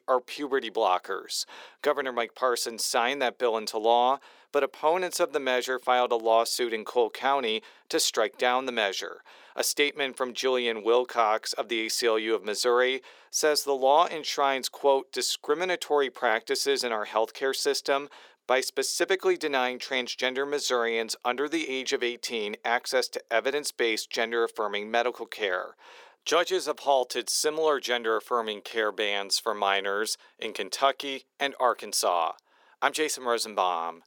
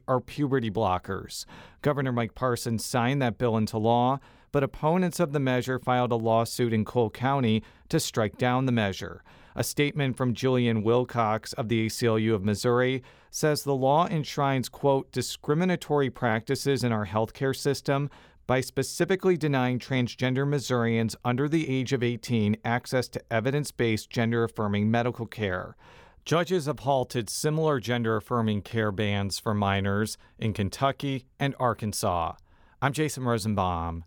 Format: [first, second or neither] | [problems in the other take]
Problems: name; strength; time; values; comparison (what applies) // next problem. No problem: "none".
second | thin; very; fading below 350 Hz